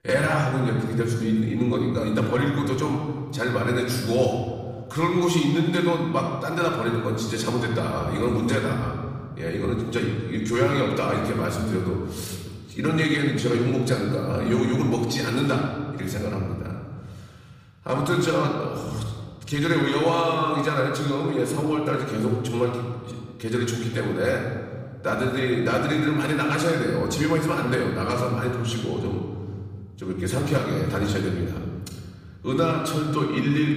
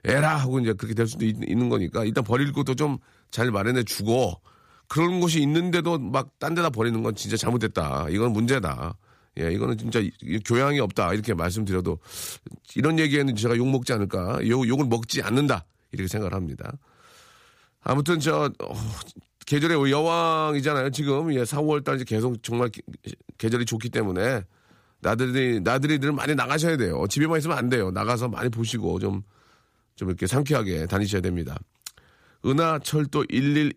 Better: second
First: off-mic speech; far // room echo; noticeable; dies away in 1.6 s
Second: none

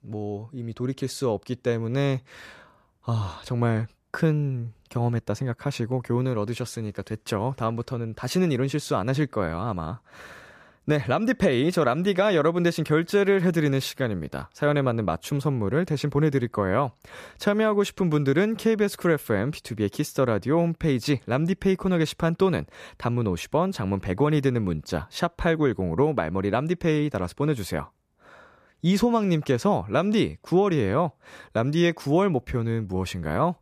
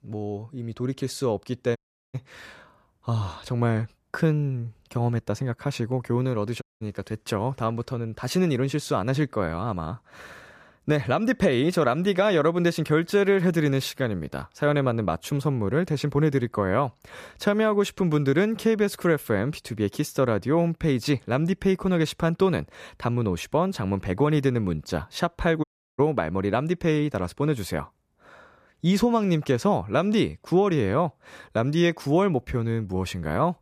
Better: first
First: none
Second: audio cutting out; at 2 s, at 6.5 s and at 26 s

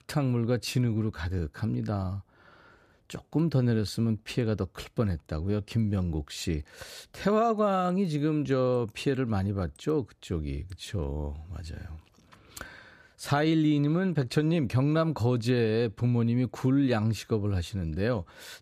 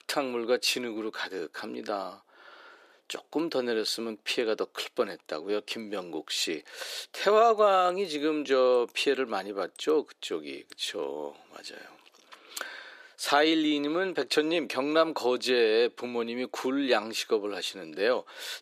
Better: first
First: none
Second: thin; very; fading below 350 Hz

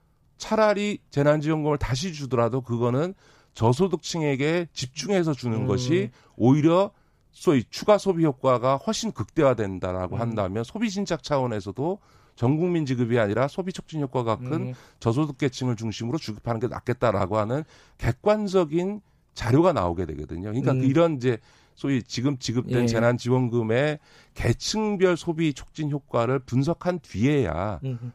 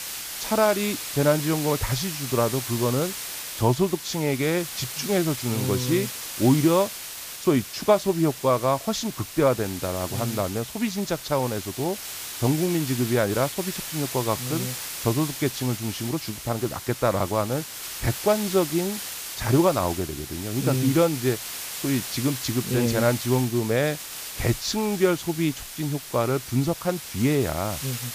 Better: first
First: none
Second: hiss; loud; throughout; 7 dB below the speech

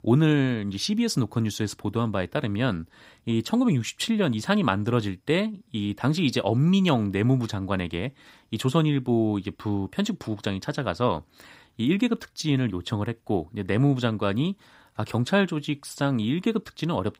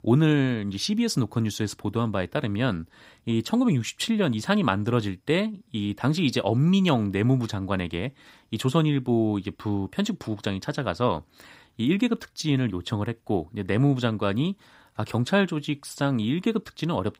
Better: neither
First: none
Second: none

